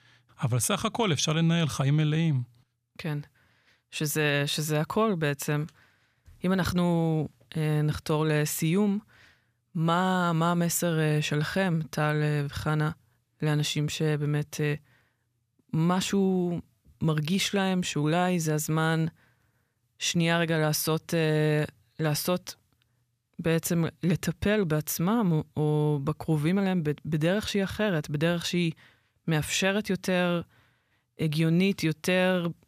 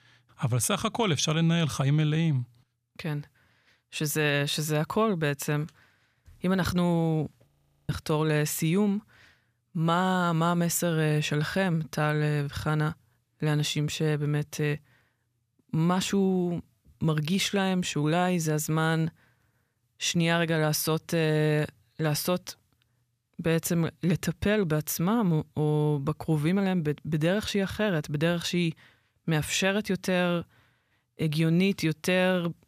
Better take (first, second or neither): first